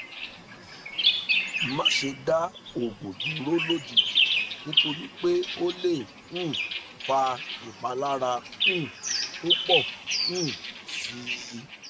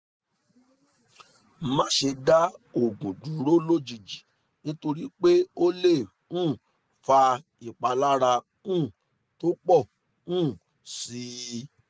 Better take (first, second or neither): second